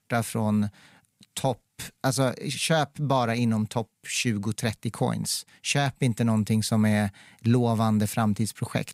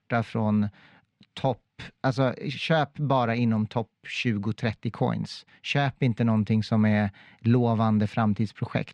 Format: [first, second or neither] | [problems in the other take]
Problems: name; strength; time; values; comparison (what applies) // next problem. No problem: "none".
first | muffled; slightly; fading above 3.5 kHz